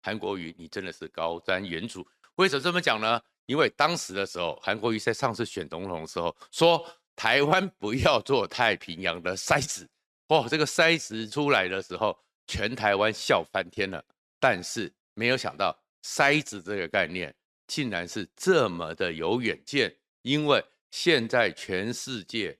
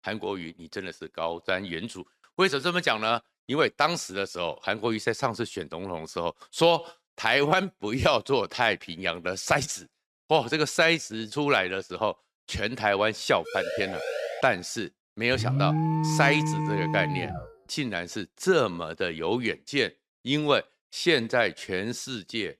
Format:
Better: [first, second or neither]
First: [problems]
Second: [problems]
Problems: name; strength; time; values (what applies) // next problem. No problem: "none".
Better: first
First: none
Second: siren; noticeable; at 13 s; peak 5 dB below the speech // alarm; loud; from 15 to 17 s; peak 1 dB above the speech